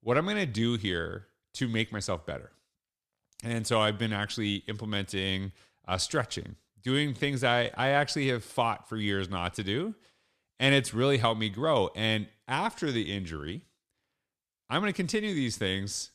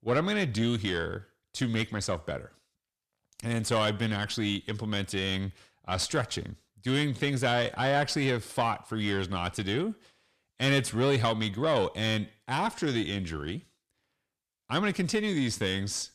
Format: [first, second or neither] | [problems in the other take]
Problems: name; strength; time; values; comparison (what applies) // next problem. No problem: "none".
first | distortion; slight; 10 dB below the speech